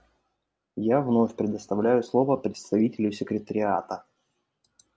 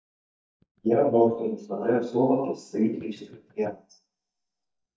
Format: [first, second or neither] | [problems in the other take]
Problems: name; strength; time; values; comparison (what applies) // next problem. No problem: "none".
first | noise reduction (neural mask model DeepFilterNet 3)